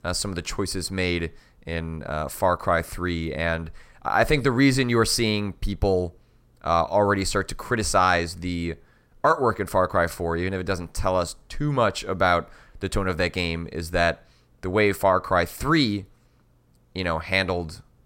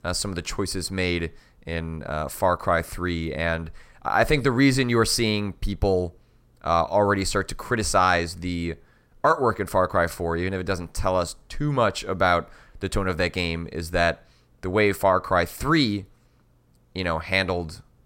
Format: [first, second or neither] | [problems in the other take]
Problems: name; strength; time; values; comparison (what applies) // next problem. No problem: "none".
neither | none